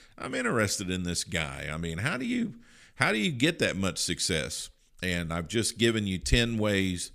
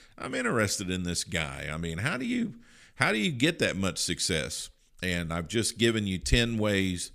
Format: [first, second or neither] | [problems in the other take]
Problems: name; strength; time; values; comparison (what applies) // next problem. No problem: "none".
neither | none